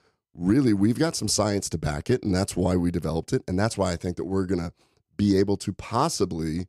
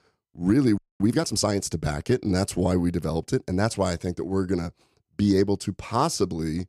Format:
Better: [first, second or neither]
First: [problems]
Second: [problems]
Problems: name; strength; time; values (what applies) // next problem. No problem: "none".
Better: first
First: none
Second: audio freezing; at 1 s